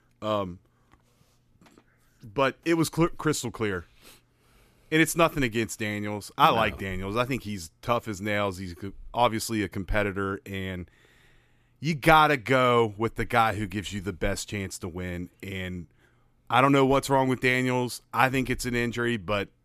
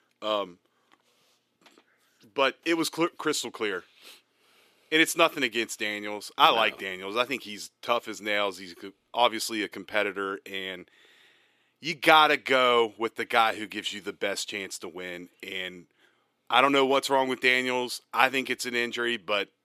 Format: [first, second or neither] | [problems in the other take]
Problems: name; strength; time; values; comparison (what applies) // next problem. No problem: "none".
first | thin; somewhat; fading below 350 Hz